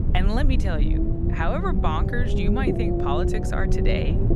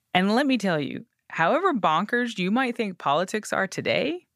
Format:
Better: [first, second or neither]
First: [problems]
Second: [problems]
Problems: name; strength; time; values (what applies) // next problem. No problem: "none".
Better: second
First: low rumble; loud; throughout; 3 dB below the speech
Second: none